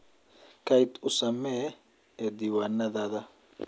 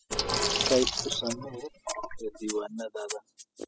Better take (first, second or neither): first